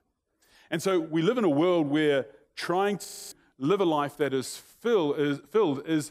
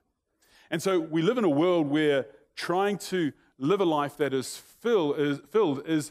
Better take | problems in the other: second | audio freezing; at 3 s

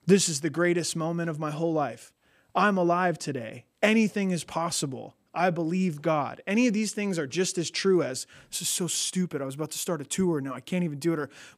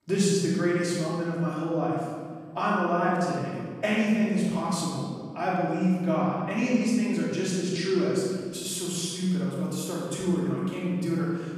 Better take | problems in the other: first | off-mic speech; far // room echo; strong; dies away in 1.8 s

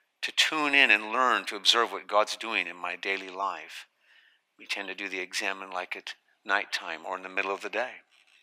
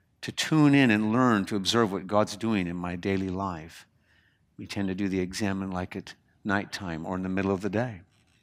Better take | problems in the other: second | thin; very; fading below 500 Hz

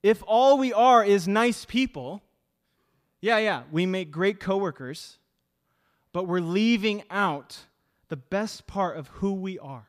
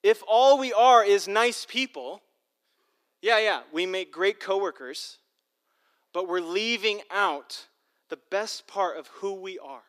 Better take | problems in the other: first | thin; somewhat; fading below 300 Hz

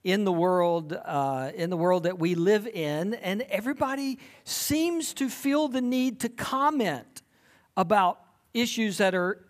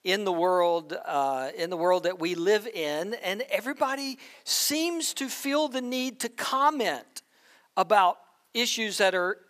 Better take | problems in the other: first | thin; somewhat; fading below 400 Hz

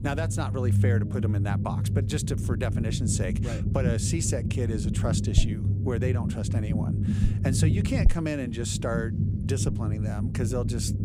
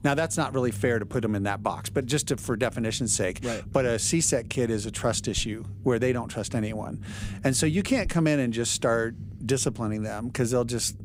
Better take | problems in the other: second | low rumble; loud; throughout; 5 dB below the speech; faint in the second

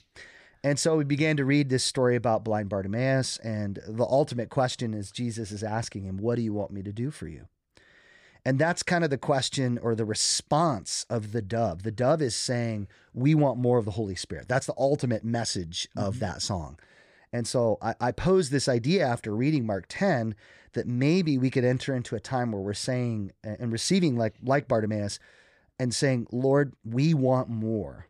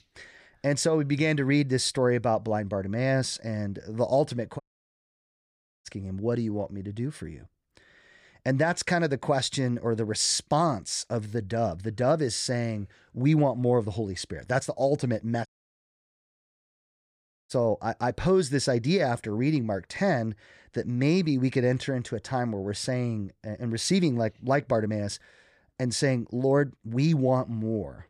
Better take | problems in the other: first | audio cutting out; at 4.5 s for 1 s and at 15 s for 2 s

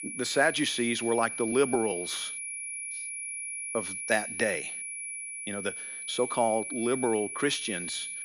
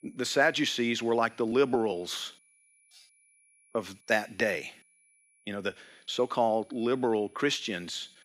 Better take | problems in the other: second | high-pitched whine; loud; throughout; 10.5 kHz, 5 dB below the speech; faint in the second

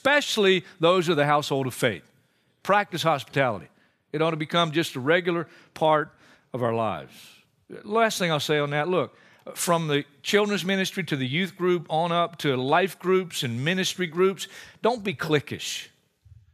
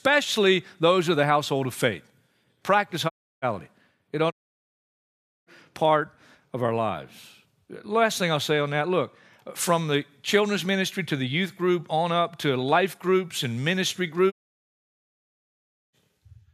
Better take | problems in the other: first | audio cutting out; at 3 s, at 4.5 s for 1 s and at 14 s for 1.5 s

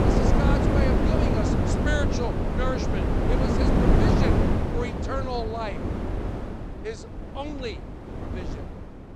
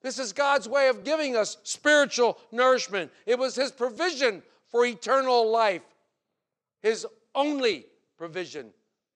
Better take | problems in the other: second | wind noise on the microphone; heavy; 3 dB above the speech

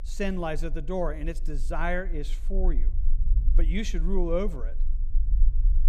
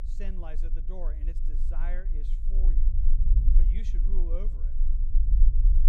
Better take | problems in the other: first | low rumble; loud; throughout; 4 dB below the speech; faint in the first

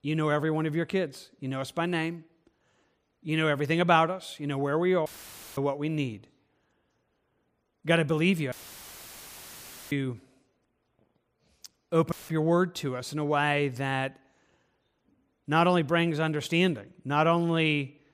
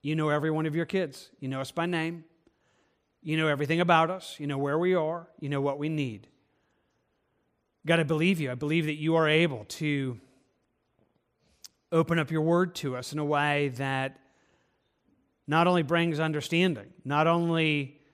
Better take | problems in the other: second | audio cutting out; filled with static; at 5 s for 0.5 s, at 8.5 s for 1.5 s and at 12 s

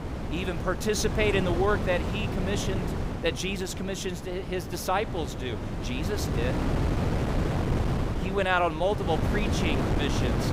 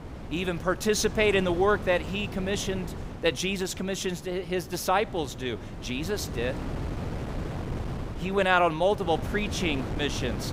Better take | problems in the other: second | wind noise on the microphone; heavy; 5 dB below the speech; occasional gusts in the second

